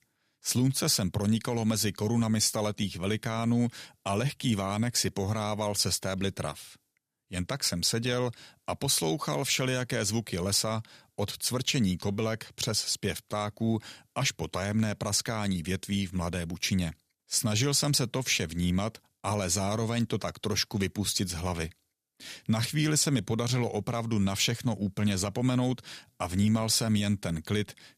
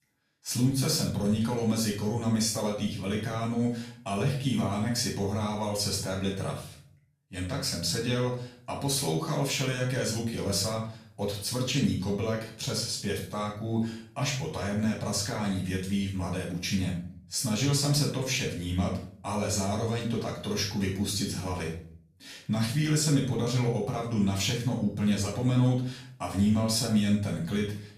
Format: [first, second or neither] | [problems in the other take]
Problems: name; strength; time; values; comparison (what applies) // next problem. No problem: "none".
first | off-mic speech; far // room echo; noticeable; dies away in 0.4 s